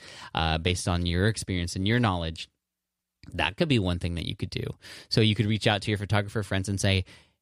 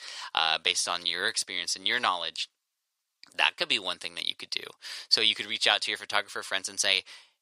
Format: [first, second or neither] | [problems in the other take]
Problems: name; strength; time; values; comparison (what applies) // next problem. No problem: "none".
first | thin; very; fading below 750 Hz